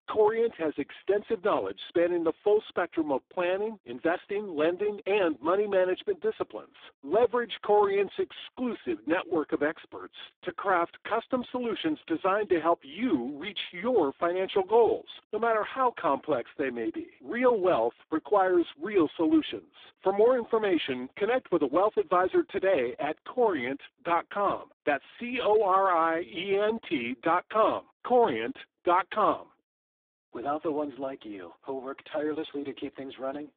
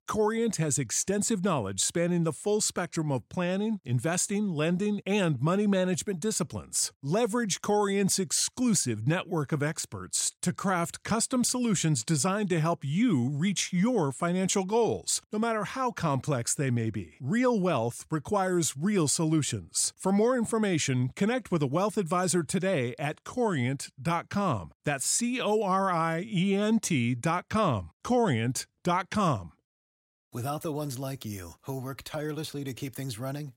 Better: second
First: phone-call audio; poor line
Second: none

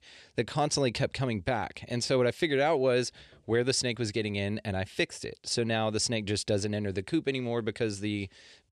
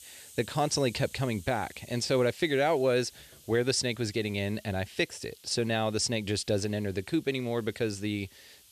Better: first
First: none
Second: hiss; faint; throughout; 20 dB below the speech

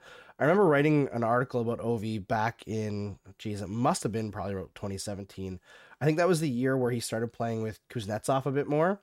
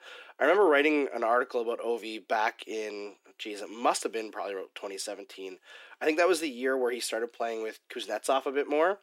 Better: first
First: none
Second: thin; somewhat; fading below 300 Hz

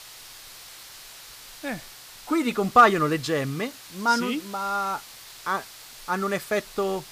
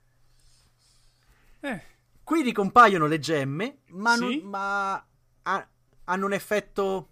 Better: second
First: hiss; noticeable; throughout; 15 dB below the speech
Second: none

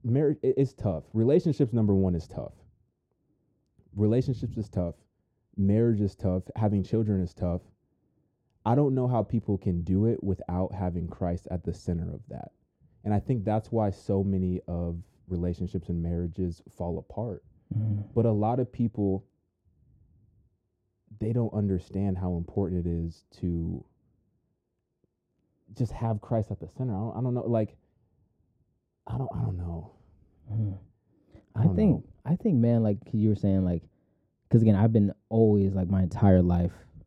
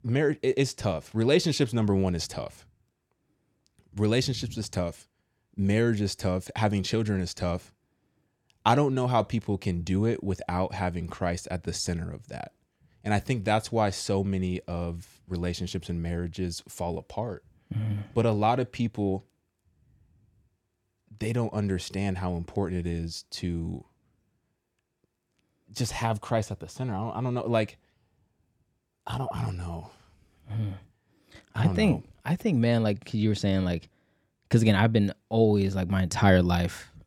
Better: second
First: muffled; very; fading above 1 kHz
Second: none

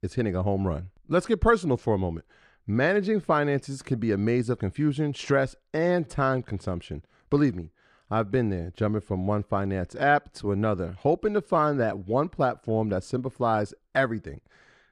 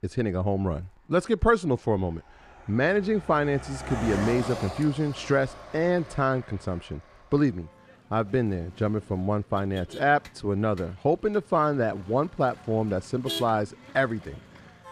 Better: first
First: none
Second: traffic noise; noticeable; throughout; 15 dB below the speech

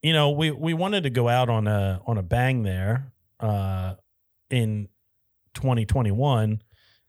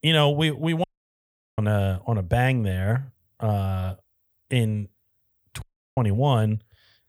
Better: first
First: none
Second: audio cutting out; at 1 s for 0.5 s and at 5.5 s

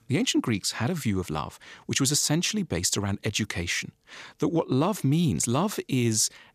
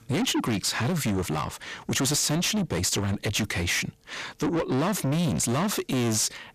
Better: first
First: none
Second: distortion; heavy; 6 dB below the speech

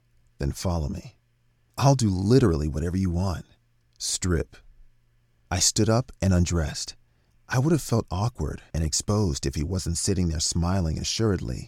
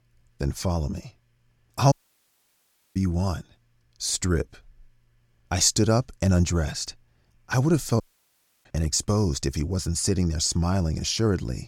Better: first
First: none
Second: audio cutting out; at 2 s for 1 s and at 8 s for 0.5 s

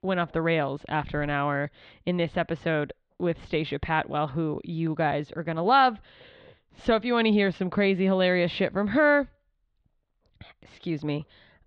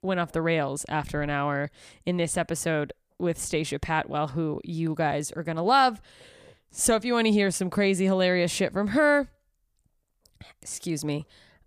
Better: second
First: muffled; slightly; fading above 3.5 kHz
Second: none

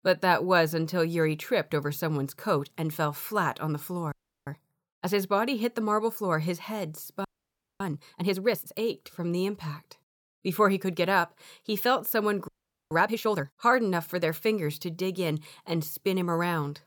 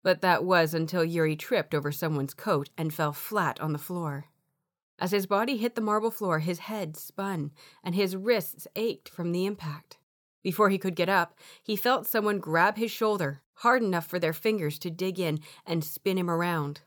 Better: second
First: audio freezing; at 4 s, at 7.5 s for 0.5 s and at 12 s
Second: none

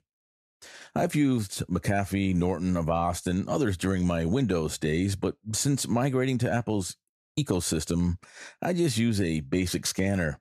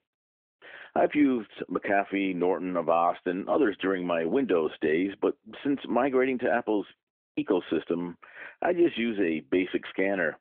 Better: first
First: none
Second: phone-call audio; nothing above 3.5 kHz

